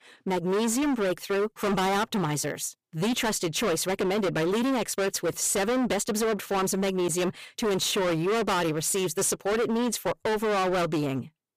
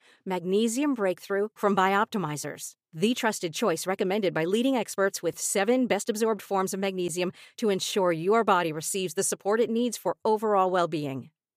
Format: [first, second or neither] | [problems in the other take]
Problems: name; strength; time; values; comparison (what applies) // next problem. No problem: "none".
second | distortion; heavy; 29% of the sound clipped